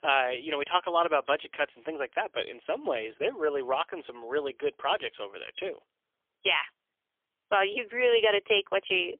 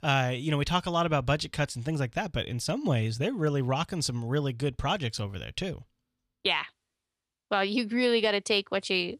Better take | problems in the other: second | phone-call audio; poor line; nothing above 3.5 kHz

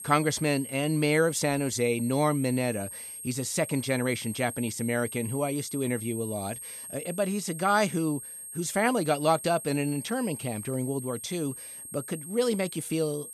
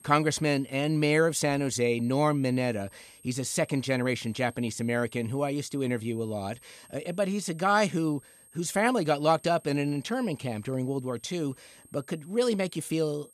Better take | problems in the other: second | high-pitched whine; loud; throughout; 8.5 kHz, 10 dB below the speech; faint in the second

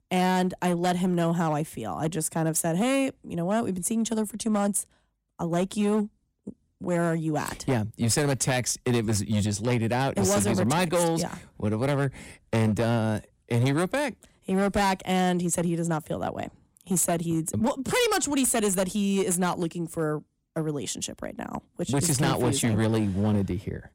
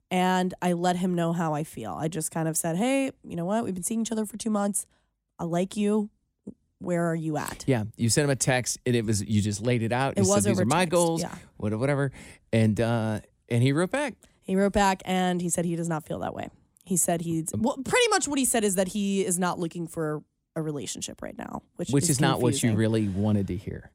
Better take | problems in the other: second | distortion; slight; 9% of the sound clipped

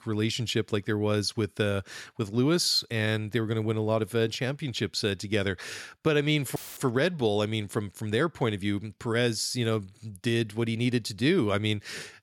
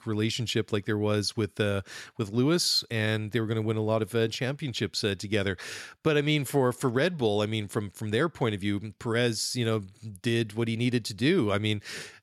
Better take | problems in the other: second | audio cutting out; filled with static; at 6.5 s

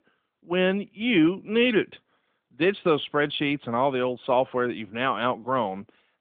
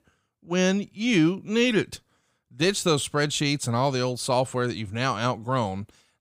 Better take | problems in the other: second | phone-call audio; nothing above 3.5 kHz

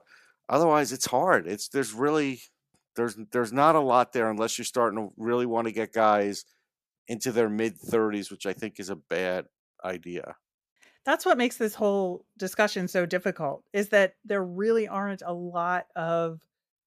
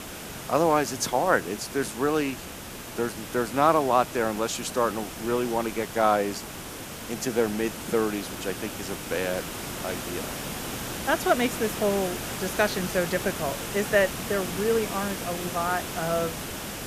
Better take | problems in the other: first | hiss; loud; throughout; 7 dB below the speech

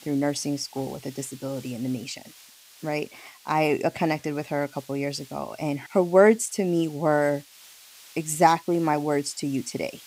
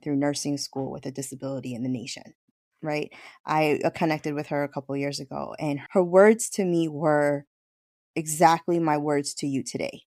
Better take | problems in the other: second | hiss; faint; throughout; 20 dB below the speech

